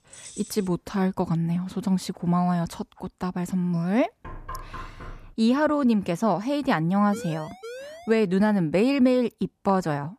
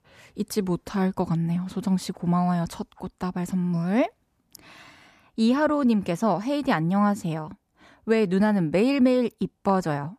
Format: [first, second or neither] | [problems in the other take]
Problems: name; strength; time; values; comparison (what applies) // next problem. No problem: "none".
second | jangling keys; faint; at the start; peak 15 dB below the speech // door banging; faint; from 4 to 5.5 s; peak 15 dB below the speech // siren; faint; from 7 to 8 s; peak 15 dB below the speech